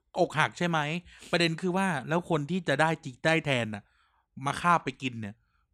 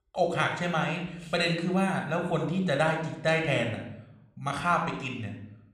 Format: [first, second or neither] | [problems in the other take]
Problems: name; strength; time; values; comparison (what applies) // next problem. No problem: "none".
first | room echo; slight; dies away in 0.7 s